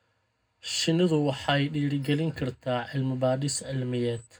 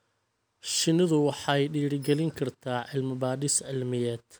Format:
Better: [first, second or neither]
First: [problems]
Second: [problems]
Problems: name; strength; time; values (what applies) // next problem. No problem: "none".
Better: second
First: room echo; dies away in 0.3 s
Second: none